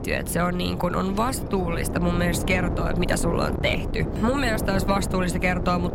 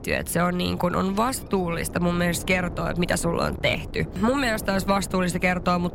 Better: second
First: wind noise on the microphone; heavy; 9 dB below the speech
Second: wind noise on the microphone; occasional gusts; 20 dB below the speech

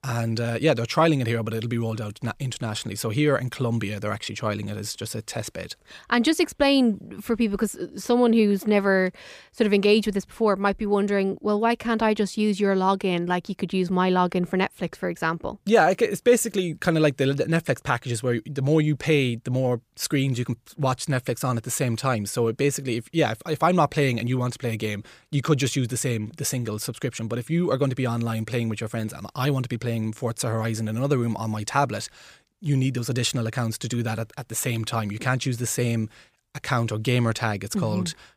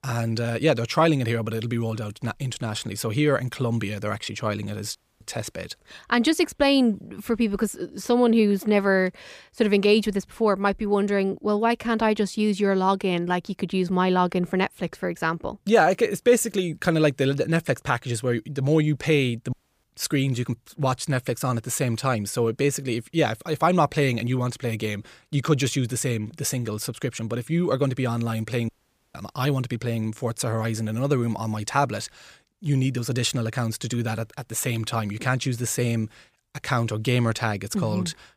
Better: first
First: none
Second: audio cutting out; at 5 s, at 20 s and at 29 s

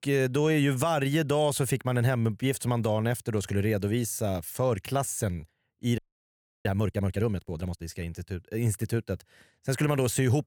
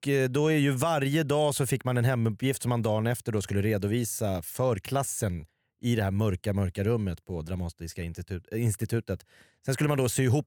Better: second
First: audio freezing; at 6 s for 0.5 s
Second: none

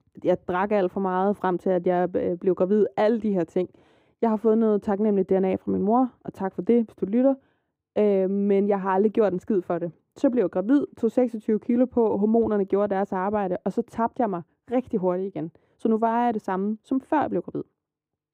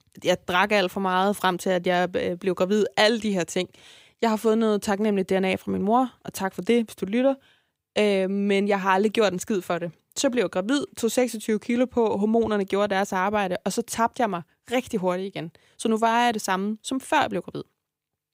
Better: second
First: muffled; very; fading above 2 kHz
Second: none

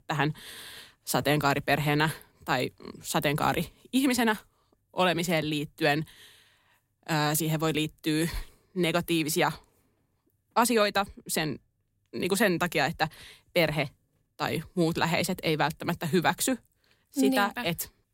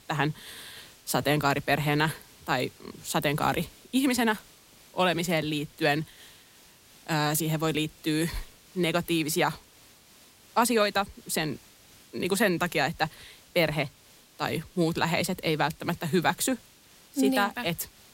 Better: first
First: none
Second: hiss; faint; throughout; 25 dB below the speech

